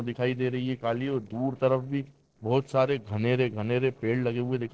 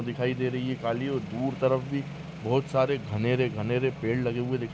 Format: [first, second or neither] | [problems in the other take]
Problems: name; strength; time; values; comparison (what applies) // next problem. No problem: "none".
second | noise reduction (neural separator model SepFormer DNS4)